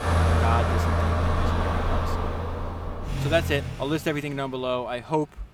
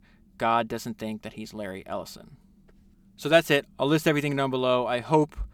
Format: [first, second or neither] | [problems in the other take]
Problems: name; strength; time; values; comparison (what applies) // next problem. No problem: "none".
second | traffic noise; very loud; throughout; 3 dB above the speech